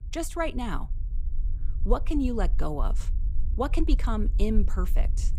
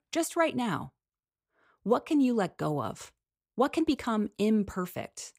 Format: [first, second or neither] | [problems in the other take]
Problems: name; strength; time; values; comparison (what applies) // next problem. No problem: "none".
second | low rumble; faint; throughout; 20 dB below the speech